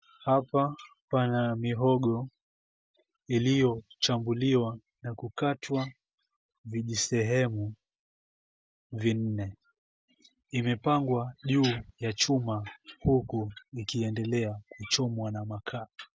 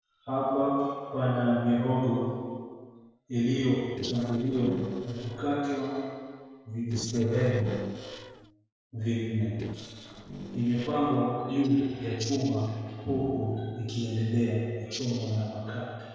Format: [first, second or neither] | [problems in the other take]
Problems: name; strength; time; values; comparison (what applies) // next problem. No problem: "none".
first | noise reduction (neural separator model SepFormer DNS4)